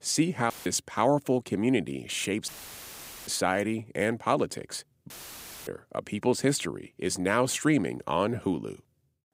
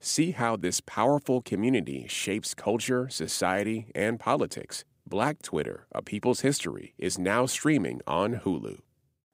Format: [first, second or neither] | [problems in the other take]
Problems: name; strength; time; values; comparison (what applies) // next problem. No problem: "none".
second | audio cutting out; filled with static; at 0.5 s, at 2.5 s for 1 s and at 5 s for 0.5 s